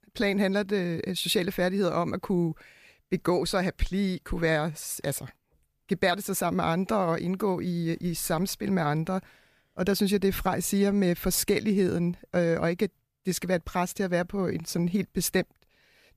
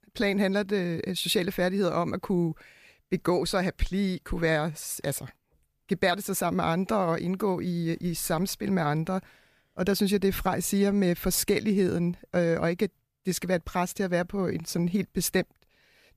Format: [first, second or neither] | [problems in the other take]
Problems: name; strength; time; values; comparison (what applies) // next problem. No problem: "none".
neither | none